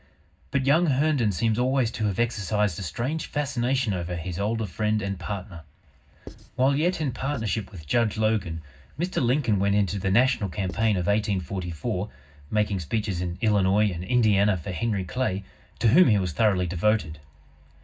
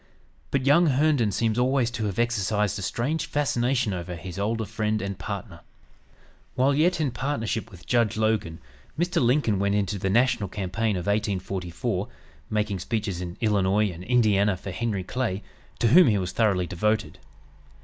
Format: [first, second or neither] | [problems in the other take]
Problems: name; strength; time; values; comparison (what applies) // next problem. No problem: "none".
second | background sound (Writing); 18 dB below the speech // room echo; dies away in 0.4 s